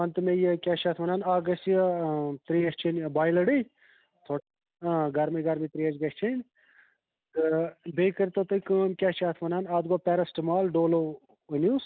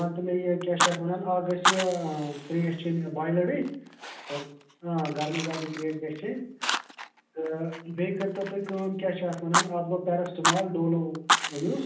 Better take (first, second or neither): first